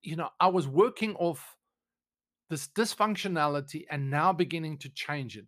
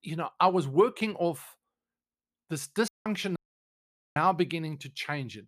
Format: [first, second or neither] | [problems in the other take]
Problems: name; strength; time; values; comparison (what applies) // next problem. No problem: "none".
first | audio cutting out; at 3 s and at 3.5 s for 1 s